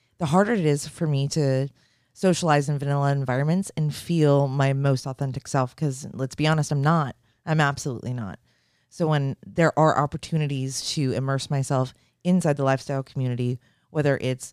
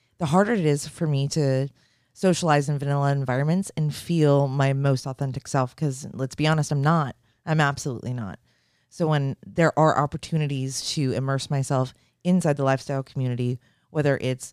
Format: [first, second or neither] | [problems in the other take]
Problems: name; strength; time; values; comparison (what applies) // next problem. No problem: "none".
neither | none